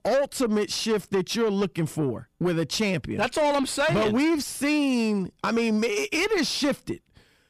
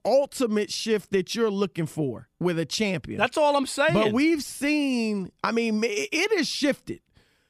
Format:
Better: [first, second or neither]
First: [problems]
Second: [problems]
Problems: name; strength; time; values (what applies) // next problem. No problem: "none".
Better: second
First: distortion; slight; 10 dB below the speech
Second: none